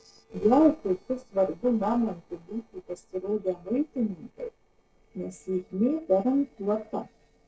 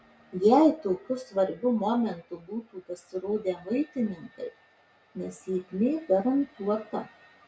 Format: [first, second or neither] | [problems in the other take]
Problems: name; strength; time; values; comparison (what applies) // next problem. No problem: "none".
second | noise reduction (neural separator model SepFormer DNS4)